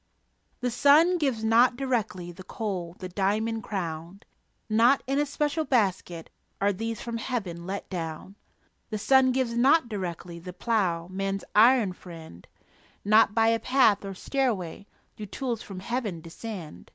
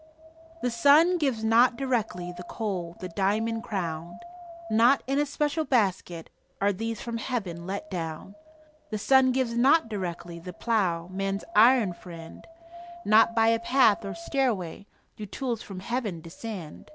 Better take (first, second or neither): first